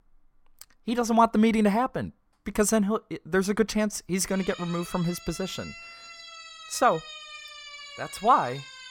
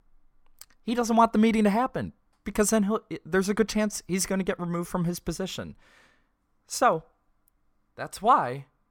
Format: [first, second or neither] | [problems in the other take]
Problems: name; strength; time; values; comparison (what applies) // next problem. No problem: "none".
second | siren; faint; from 4.5 s on; peak 15 dB below the speech